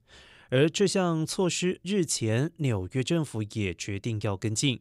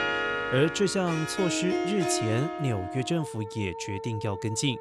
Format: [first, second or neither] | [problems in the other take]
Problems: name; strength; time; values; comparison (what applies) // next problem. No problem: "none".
first | background music; loud; throughout; 4 dB below the speech